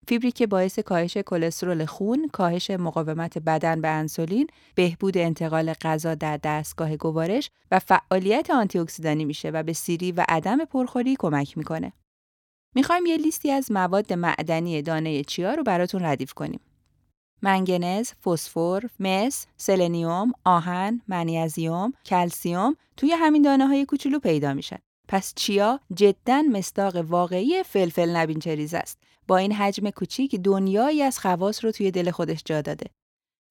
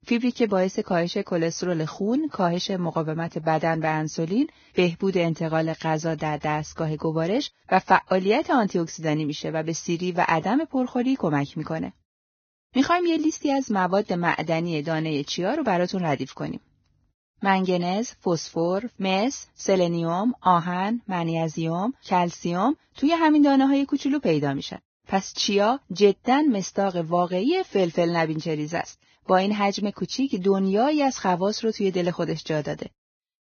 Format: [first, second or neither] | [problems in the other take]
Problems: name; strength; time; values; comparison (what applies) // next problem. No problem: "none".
first | garbled, watery; badly; nothing above 6.5 kHz